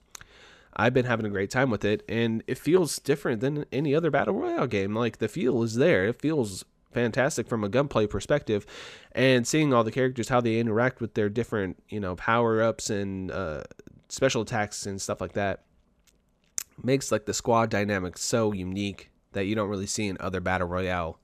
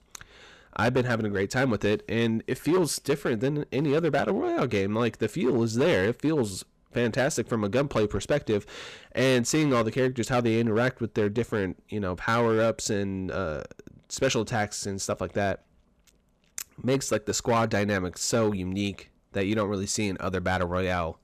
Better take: first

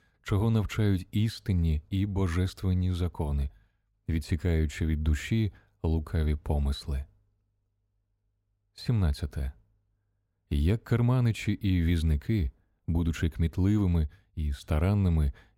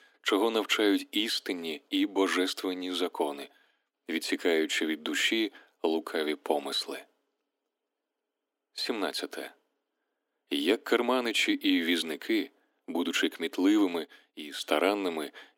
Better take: first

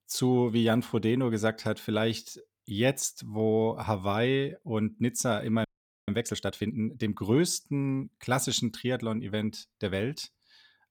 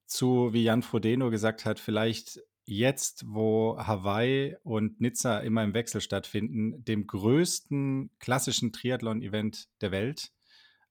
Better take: second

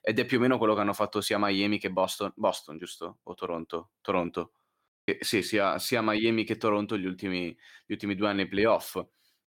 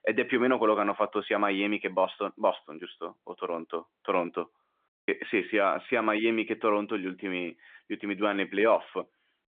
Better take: first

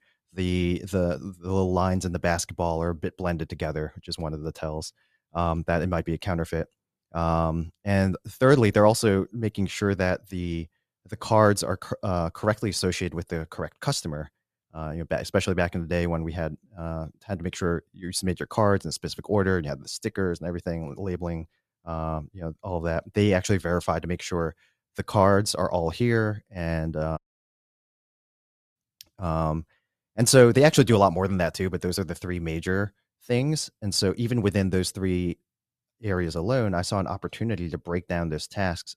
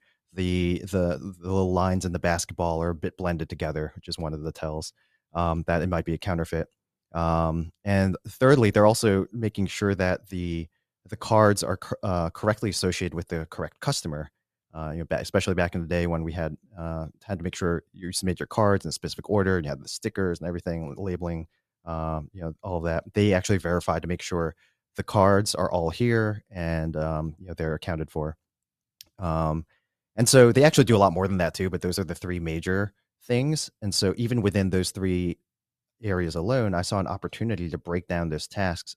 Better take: second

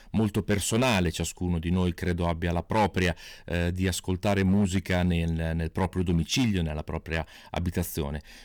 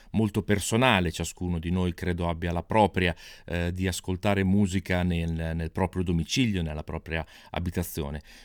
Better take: second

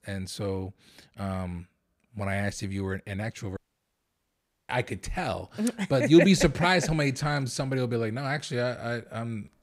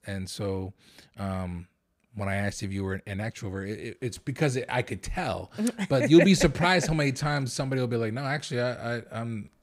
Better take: second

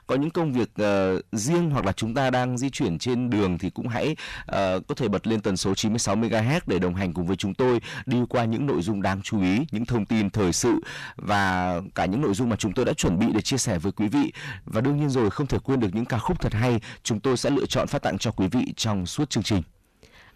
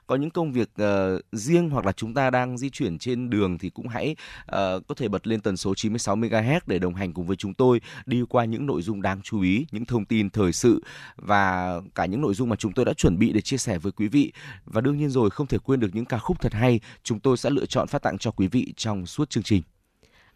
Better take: second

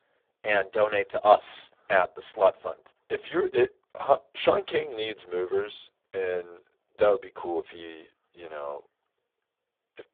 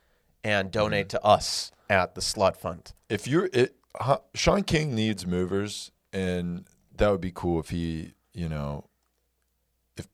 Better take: second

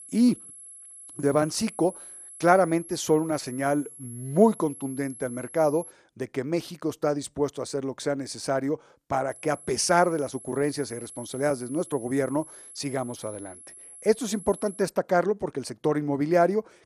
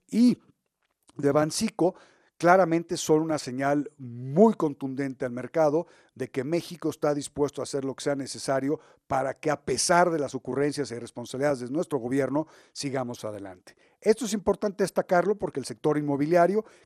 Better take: second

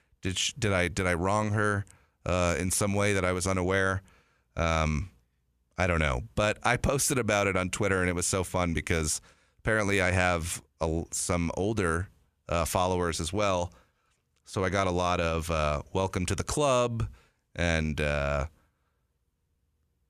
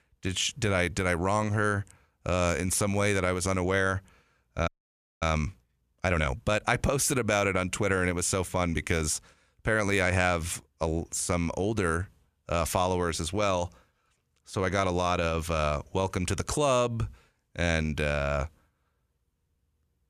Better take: first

